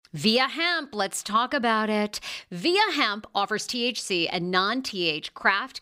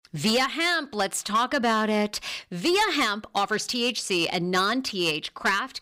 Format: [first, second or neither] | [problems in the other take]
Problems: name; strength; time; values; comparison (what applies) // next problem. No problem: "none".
first | distortion; slight; 6% of the sound clipped